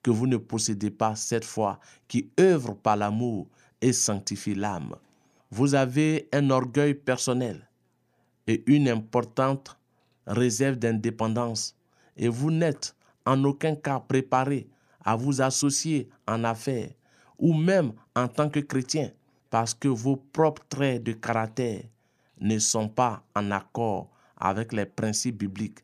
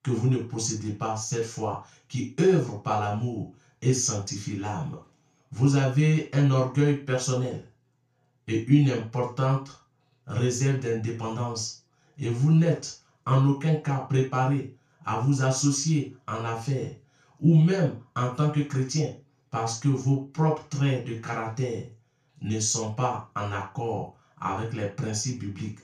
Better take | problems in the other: first | room echo; noticeable; dies away in 0.3 s // off-mic speech; far

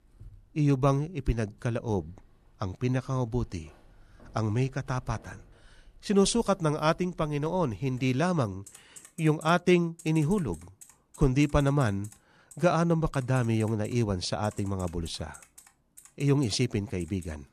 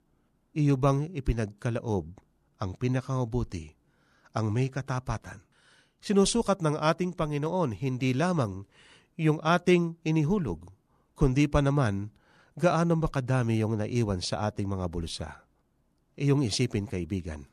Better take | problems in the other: second | household noises; faint; throughout; 25 dB below the speech

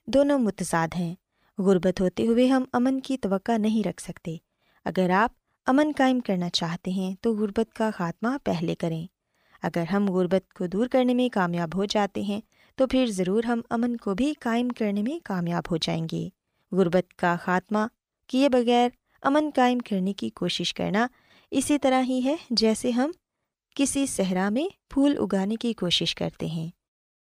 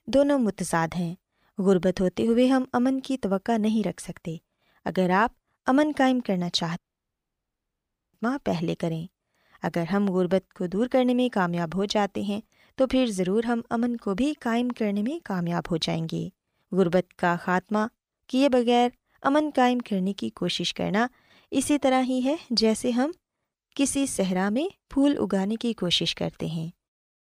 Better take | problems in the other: first | audio cutting out; at 7 s for 1.5 s

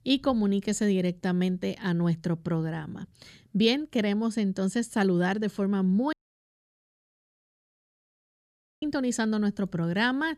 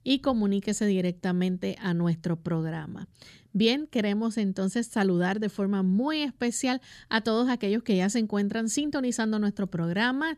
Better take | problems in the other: second | audio cutting out; at 6 s for 2.5 s

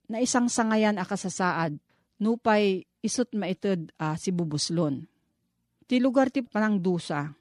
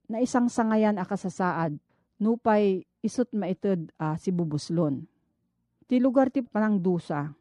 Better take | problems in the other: first | muffled; slightly; fading above 1.5 kHz

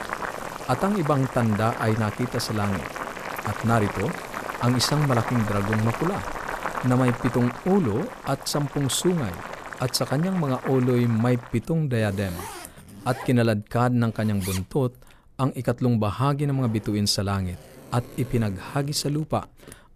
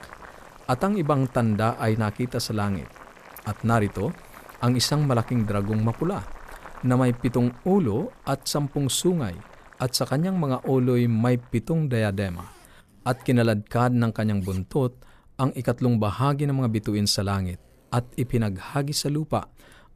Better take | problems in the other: second | household noises; loud; throughout; 9 dB below the speech; faint in the second

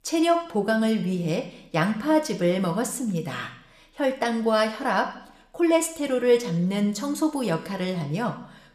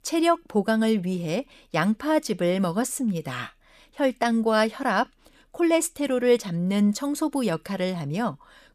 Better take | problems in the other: second | room echo; very slight; dies away in 0.7 s

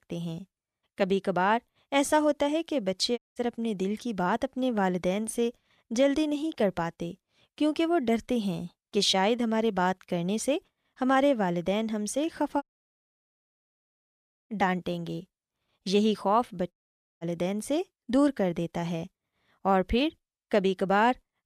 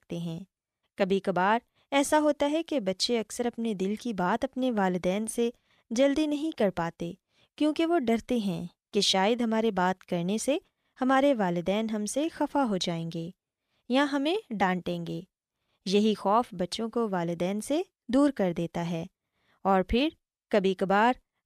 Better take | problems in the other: second | audio cutting out; at 3 s, at 13 s for 2 s and at 17 s

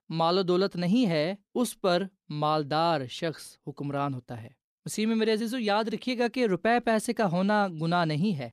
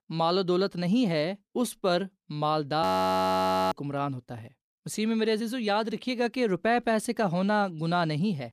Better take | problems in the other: first | audio freezing; at 3 s for 1 s

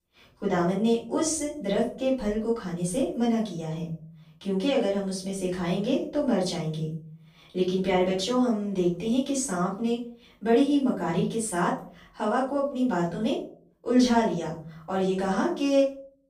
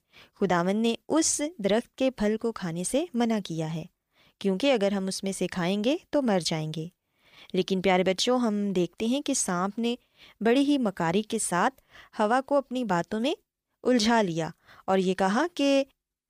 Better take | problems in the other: second | off-mic speech; far // room echo; noticeable; dies away in 0.5 s

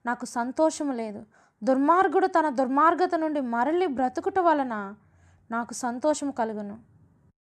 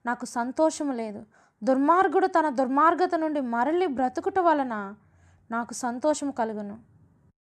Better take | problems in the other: neither | none

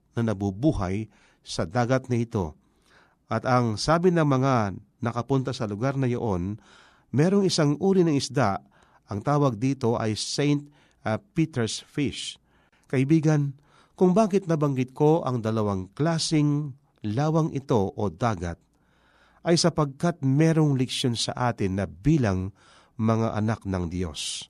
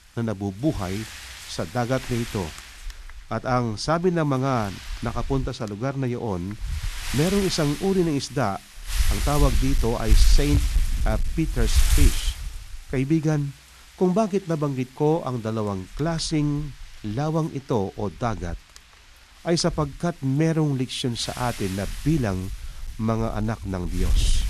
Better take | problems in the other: first | wind noise on the microphone; heavy; 9 dB below the speech

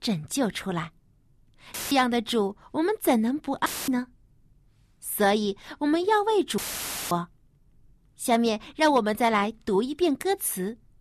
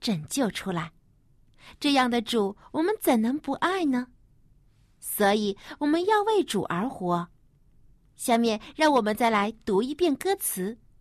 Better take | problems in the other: second | audio cutting out; filled with static; at 1.5 s, at 3.5 s and at 6.5 s for 0.5 s

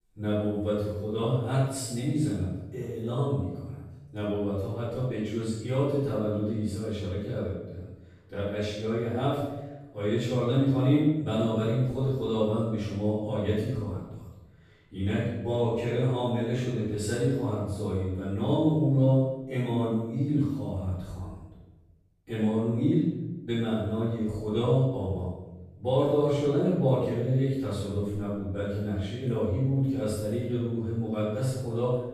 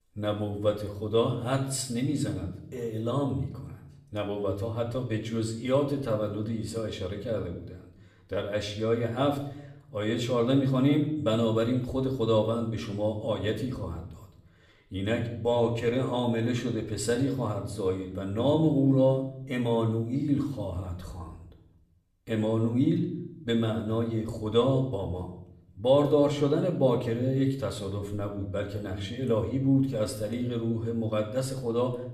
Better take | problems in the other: second | room echo; strong; dies away in 0.9 s; slight in the second // off-mic speech; far; somewhat distant in the second

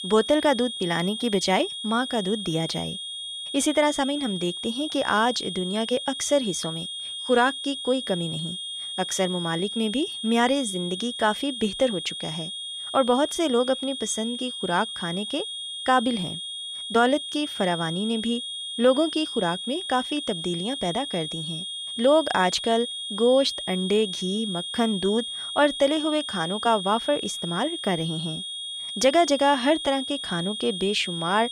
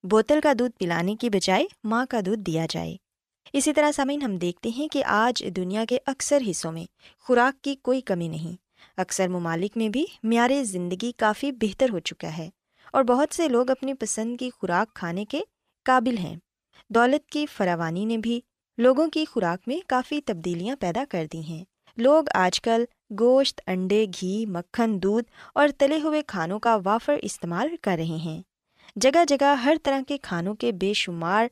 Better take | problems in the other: second | high-pitched whine; loud; throughout; 3.5 kHz, 6 dB below the speech

